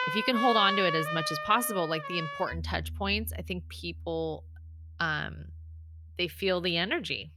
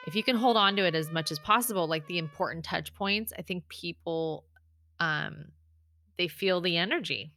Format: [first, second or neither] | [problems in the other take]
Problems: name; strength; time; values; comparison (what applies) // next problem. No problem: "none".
second | background music; loud; throughout; 5 dB below the speech; faint in the second